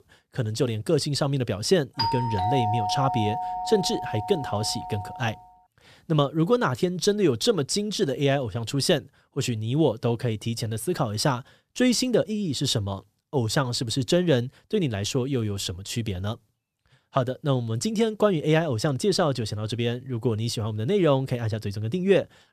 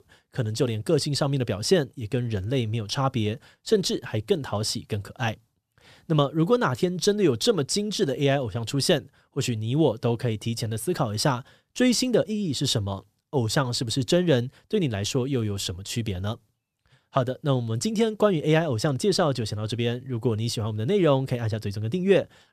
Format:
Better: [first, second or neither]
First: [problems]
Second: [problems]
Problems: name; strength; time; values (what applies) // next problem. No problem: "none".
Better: second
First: doorbell; noticeable; from 2 to 5 s; peak level with the speech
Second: none